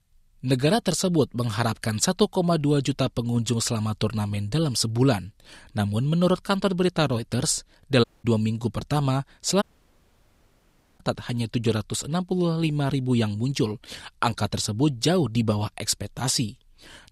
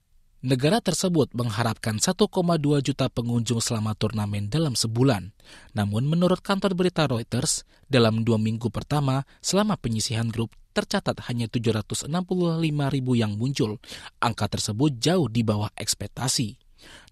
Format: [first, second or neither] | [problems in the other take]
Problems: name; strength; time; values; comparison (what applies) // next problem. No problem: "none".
second | audio cutting out; at 8 s and at 9.5 s for 1.5 s